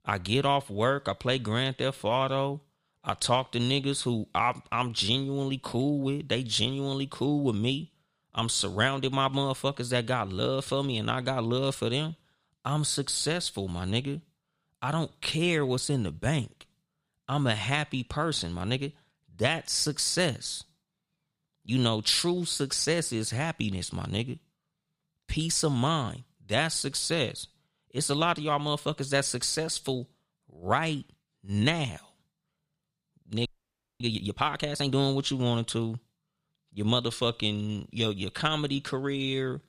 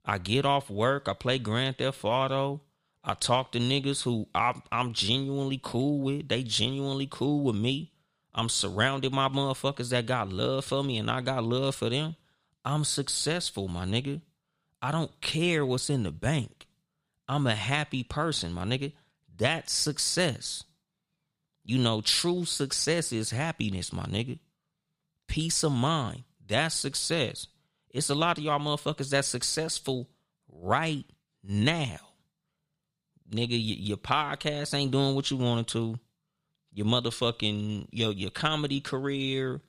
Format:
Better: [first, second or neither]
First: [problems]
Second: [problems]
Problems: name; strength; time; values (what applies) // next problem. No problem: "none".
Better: second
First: audio freezing; at 33 s for 0.5 s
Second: none